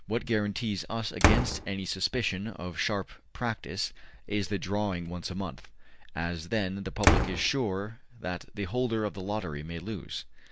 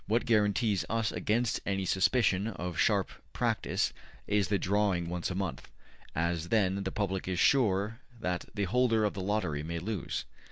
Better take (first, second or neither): second